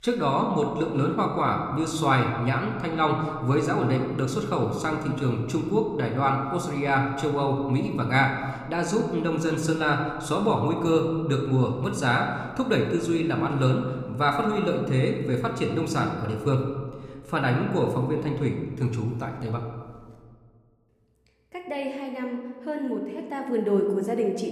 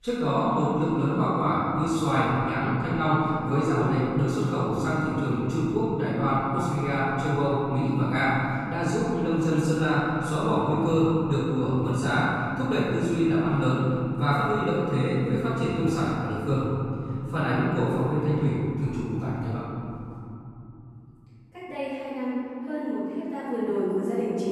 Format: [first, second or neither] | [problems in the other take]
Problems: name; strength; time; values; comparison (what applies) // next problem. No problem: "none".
first | room echo; strong; dies away in 3 s; slight in the first // off-mic speech; far